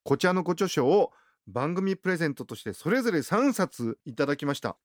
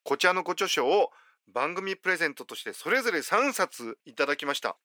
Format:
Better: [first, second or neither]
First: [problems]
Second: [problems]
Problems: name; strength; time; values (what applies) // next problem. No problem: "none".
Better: first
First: none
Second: thin; somewhat; fading below 550 Hz